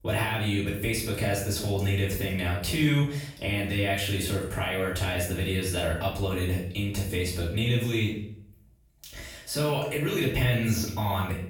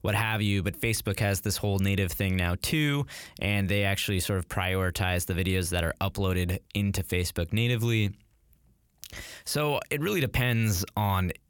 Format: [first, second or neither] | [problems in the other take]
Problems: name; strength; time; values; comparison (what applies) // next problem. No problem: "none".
second | room echo; noticeable; dies away in 0.5 s // off-mic speech; far